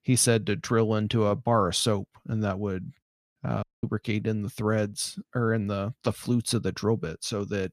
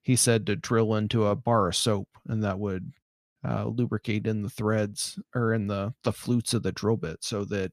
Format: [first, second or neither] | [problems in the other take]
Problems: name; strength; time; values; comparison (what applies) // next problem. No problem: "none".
second | audio cutting out; at 3.5 s